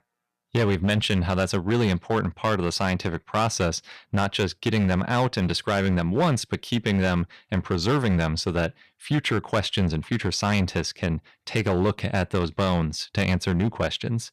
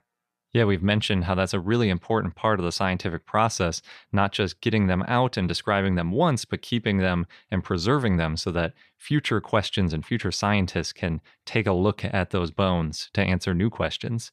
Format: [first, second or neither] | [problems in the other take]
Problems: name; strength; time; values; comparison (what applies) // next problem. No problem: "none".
second | distortion; slight; 7% of the sound clipped